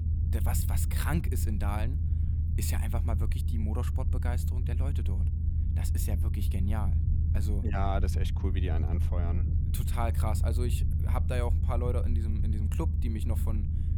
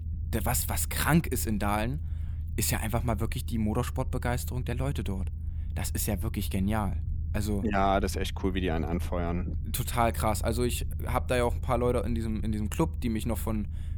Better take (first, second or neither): second